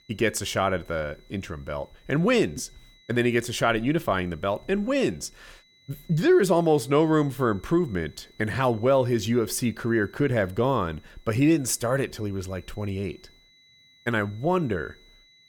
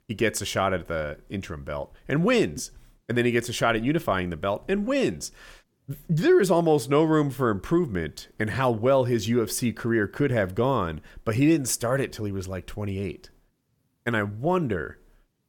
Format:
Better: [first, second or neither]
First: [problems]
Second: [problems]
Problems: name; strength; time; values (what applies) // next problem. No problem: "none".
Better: second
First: high-pitched whine; faint; throughout; 4 kHz, 30 dB below the speech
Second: none